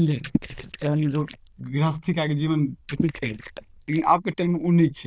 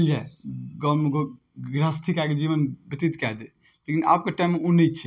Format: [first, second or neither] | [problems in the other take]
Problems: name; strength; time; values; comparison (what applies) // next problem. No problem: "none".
second | noise reduction (neural diffusion model UNIVERSE++)